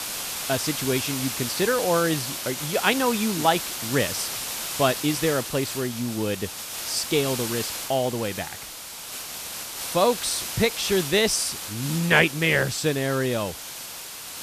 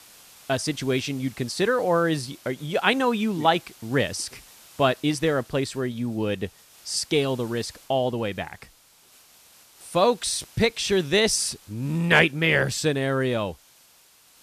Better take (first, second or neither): second